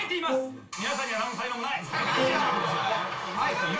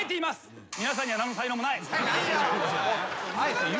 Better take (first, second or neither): second